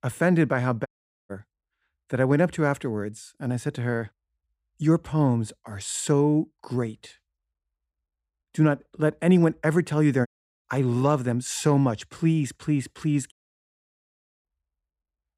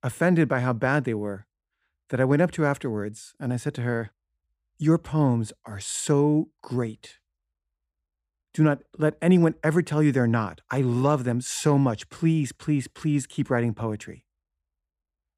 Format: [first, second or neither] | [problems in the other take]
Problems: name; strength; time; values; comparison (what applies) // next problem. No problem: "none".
second | audio cutting out; at 1 s, at 10 s and at 13 s for 1 s